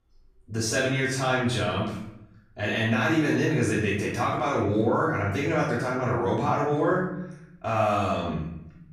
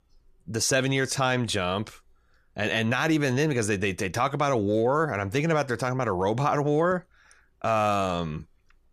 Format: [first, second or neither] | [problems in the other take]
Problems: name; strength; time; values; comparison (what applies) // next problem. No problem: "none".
second | off-mic speech; far // room echo; noticeable; dies away in 0.8 s